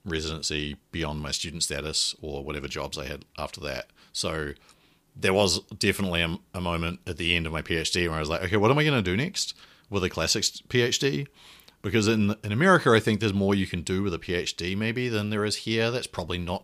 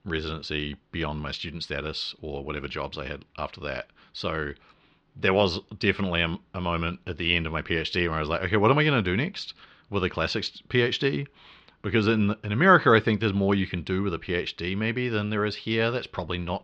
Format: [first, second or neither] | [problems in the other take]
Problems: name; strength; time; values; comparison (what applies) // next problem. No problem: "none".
first | muffled; slightly; fading above 4 kHz